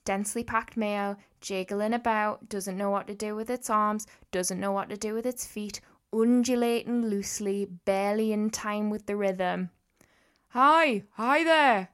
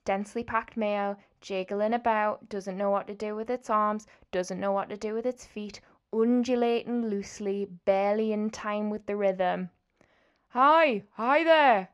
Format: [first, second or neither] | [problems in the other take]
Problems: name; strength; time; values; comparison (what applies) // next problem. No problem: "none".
first | muffled; slightly; fading above 3.5 kHz